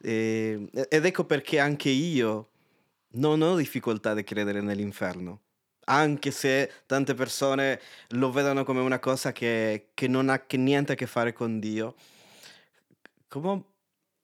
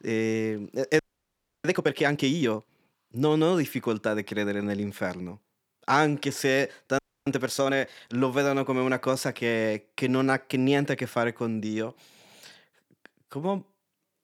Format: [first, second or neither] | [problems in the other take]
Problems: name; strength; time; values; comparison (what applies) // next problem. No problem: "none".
first | audio freezing; at 1 s for 0.5 s and at 7 s